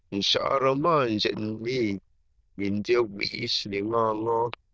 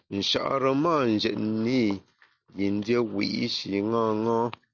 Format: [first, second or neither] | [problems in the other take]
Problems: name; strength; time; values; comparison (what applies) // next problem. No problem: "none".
second | noise reduction (neural diffusion model UNIVERSE++)